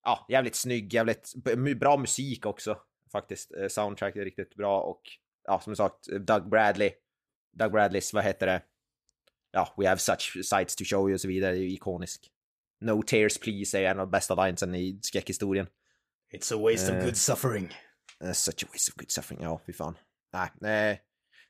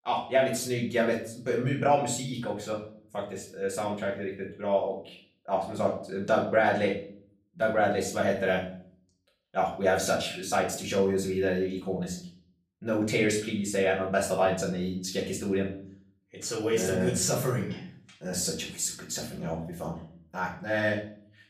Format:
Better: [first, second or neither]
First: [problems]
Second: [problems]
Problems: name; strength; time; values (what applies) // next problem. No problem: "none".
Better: first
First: none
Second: off-mic speech; far // room echo; slight; dies away in 0.5 s